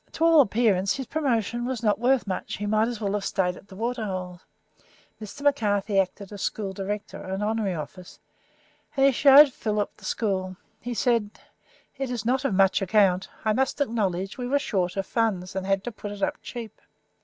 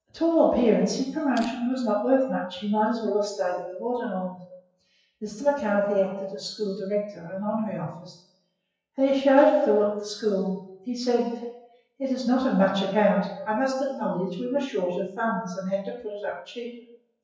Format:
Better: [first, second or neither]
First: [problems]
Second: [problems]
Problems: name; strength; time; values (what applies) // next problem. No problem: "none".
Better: first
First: none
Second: noise reduction (classical method WPE with log-MMSE)